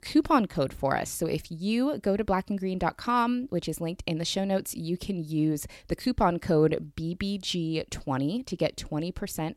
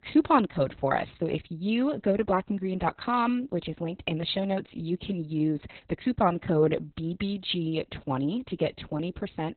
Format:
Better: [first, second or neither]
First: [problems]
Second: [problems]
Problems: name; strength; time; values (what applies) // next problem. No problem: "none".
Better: first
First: none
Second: garbled, watery; badly; nothing above 4 kHz